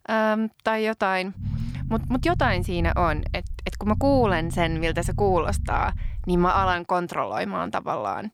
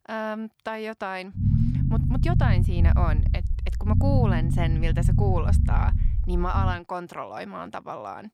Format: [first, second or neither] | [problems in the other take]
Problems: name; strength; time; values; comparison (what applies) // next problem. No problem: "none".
first | low rumble; loud; from 1.5 to 6.5 s; 5 dB below the speech; faint in the first